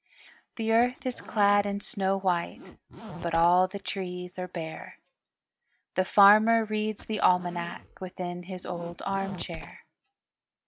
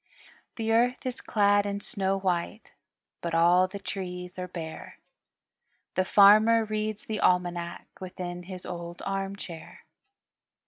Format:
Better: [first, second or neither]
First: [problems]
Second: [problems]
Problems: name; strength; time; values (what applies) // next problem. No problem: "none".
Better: second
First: background sound (Zipper (clothing)); 17 dB below the speech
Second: none